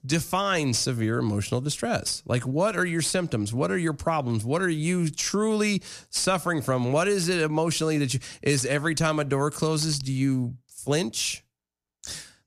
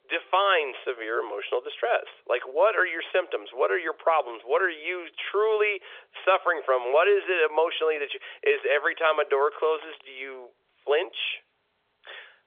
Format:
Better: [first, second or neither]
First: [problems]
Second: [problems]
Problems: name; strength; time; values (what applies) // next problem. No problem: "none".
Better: first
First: none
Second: phone-call audio; nothing above 3.5 kHz